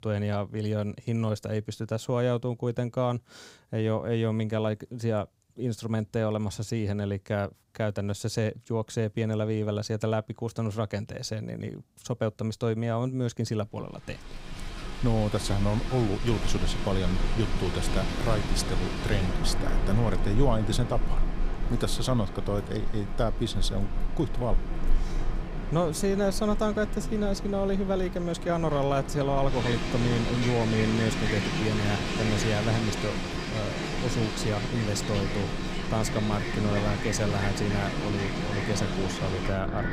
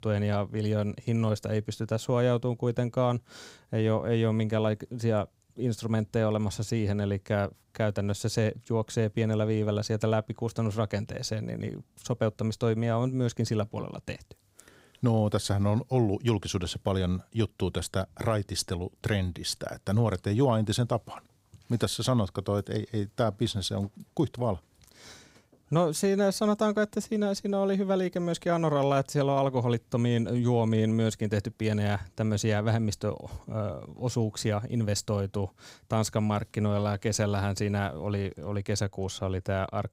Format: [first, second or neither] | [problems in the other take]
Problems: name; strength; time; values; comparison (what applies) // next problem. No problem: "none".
second | wind in the background; loud; from 14 s on; 3 dB below the speech